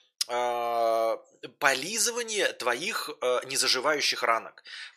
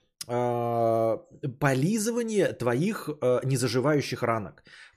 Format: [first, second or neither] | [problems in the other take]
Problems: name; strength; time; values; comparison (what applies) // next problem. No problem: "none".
second | thin; very; fading below 700 Hz